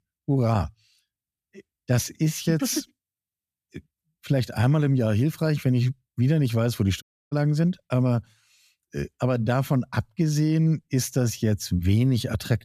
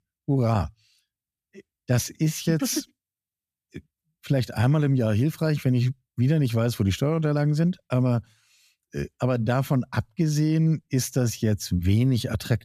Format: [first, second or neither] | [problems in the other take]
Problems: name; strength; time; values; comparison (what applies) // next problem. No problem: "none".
second | audio cutting out; at 7 s